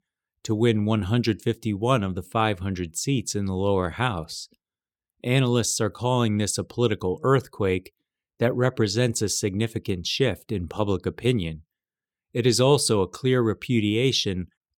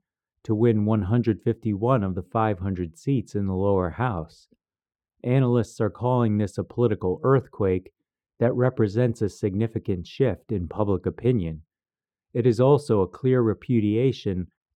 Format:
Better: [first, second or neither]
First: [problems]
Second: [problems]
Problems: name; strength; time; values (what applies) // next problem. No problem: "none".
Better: first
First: none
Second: muffled; very; fading above 2.5 kHz